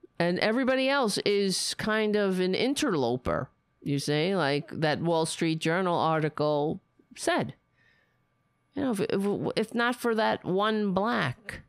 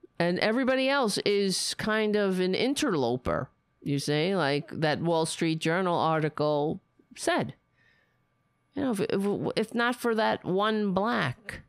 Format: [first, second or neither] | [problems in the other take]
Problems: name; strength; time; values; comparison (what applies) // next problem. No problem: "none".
neither | none